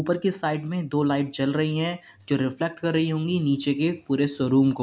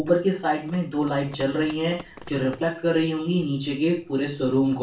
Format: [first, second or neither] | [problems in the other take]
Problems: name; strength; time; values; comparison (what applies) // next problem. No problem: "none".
first | background sound (Run); 20 dB below the speech // room echo; dies away in 0.2 s